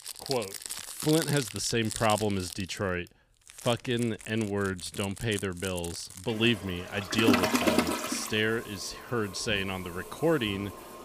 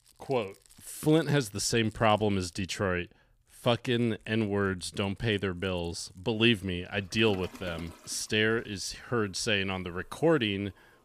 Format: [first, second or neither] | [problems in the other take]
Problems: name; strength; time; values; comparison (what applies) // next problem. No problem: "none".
second | household noises; loud; throughout; 3 dB below the speech; faint in the second